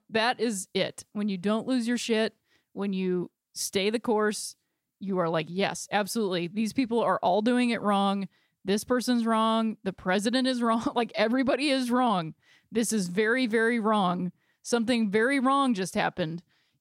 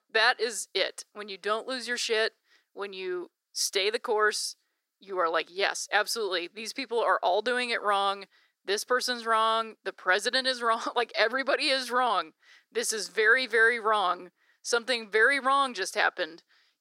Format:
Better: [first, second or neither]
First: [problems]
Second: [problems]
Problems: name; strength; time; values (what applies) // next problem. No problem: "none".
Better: first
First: none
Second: thin; very; fading below 400 Hz